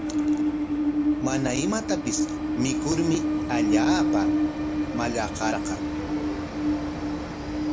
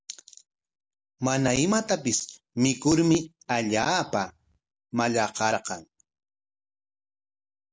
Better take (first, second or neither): second